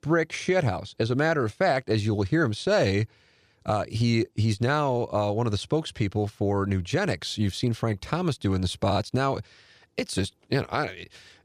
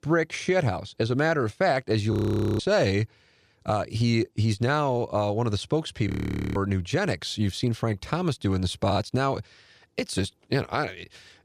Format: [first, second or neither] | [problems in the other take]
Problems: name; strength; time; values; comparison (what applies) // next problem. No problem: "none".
first | audio freezing; at 2 s and at 6 s